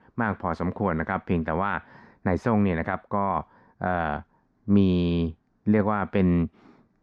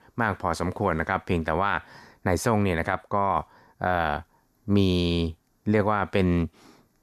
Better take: second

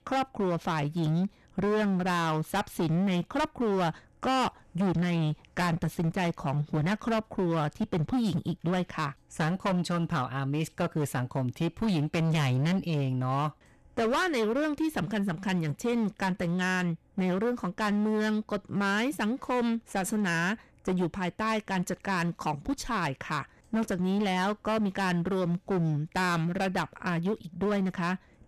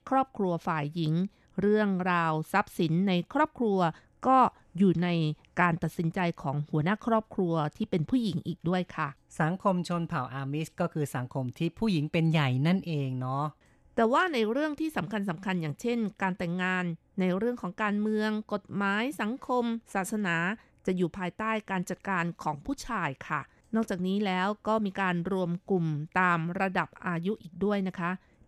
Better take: second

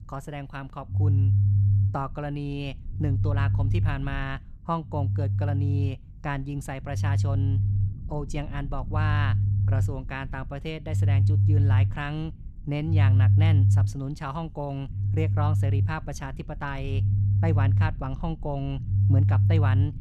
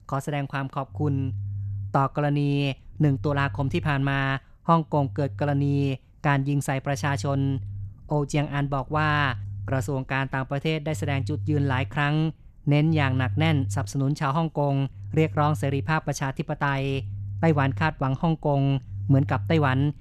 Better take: second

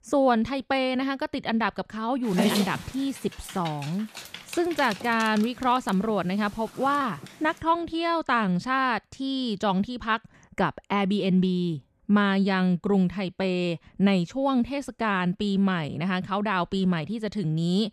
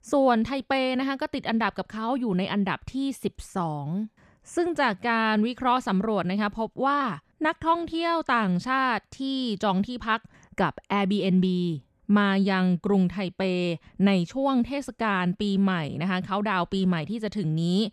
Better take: second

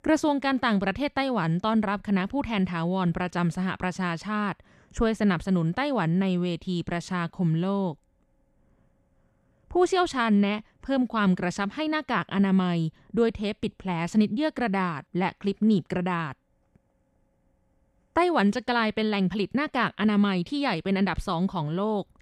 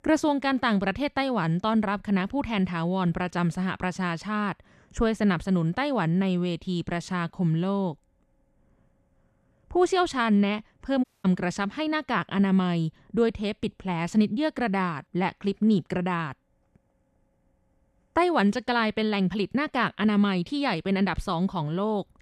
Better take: first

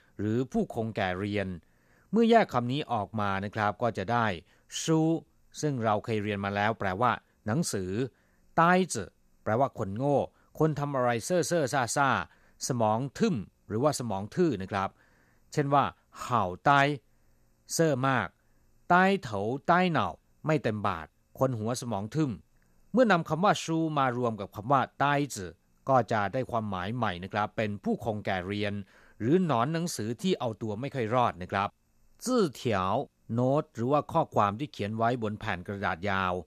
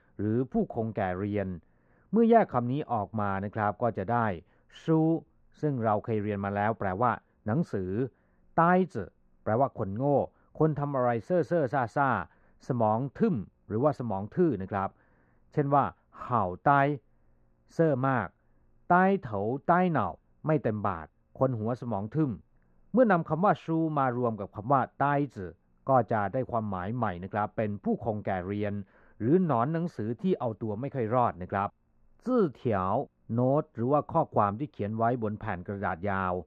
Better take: first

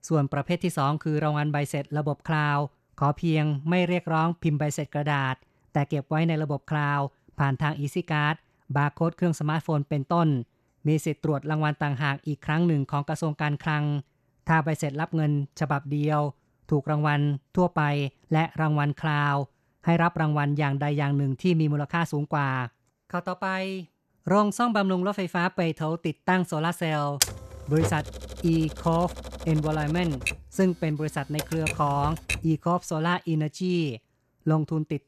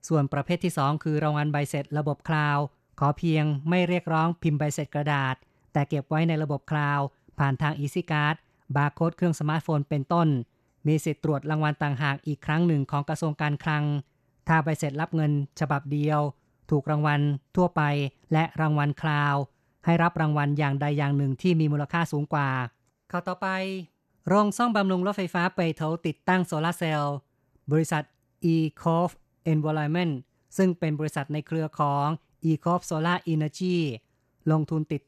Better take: second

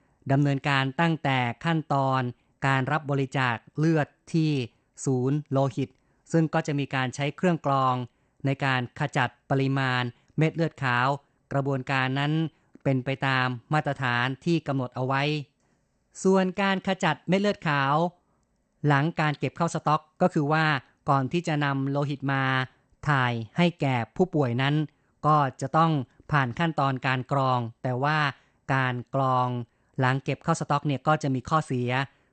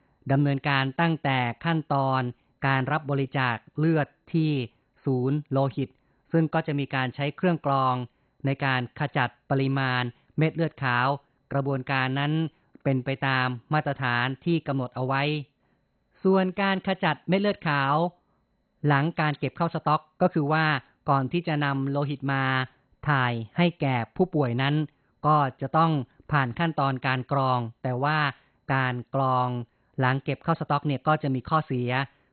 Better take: first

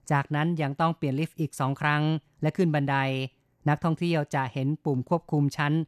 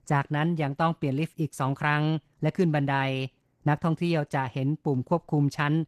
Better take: first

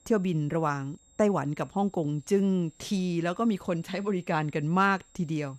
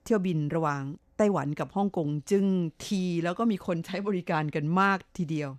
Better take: second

